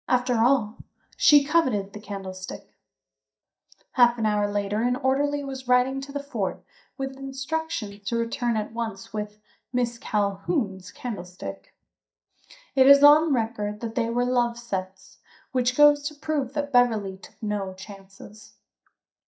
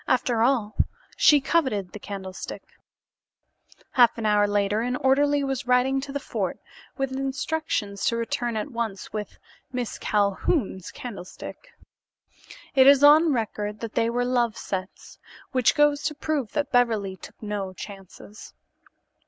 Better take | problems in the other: second | noise reduction (neural mask model DeepFilterNet 3)

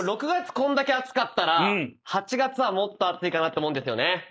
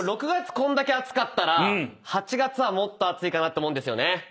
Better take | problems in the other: second | noise reduction (neural mask model Resemble Enhance denoiser)

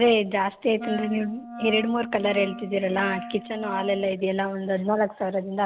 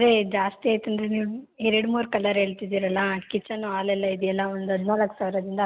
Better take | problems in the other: second | background sound (Wind instrument, woodwind instrument); 12 dB below the speech

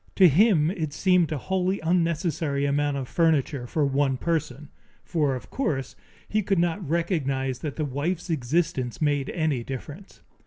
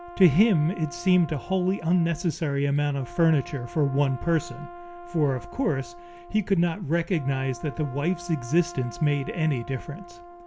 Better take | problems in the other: first | background sound (Brass instrument); 17 dB below the speech

